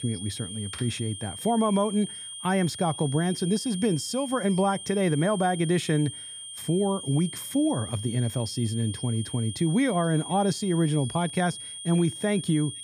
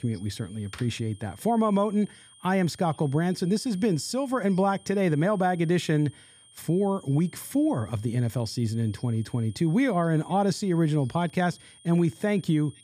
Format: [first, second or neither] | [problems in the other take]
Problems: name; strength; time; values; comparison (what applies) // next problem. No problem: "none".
second | high-pitched whine; loud; throughout; 3 kHz, 10 dB below the speech; faint in the second